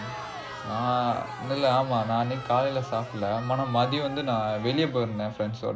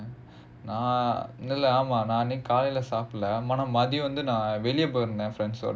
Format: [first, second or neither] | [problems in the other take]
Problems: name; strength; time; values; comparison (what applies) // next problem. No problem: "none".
second | background sound (Crowd); 13 dB below the speech